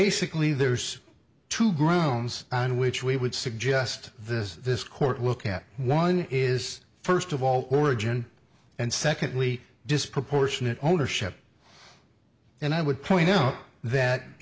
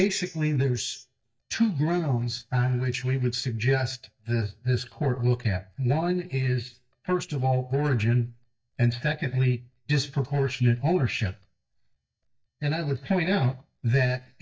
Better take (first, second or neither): first